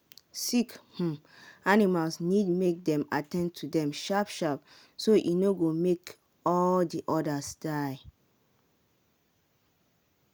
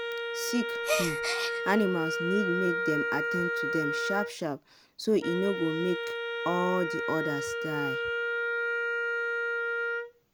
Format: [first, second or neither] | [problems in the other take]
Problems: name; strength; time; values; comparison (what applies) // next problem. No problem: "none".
first | background sound (Gasp + Wind instrument, woodwind instrument); 1 dB above the speech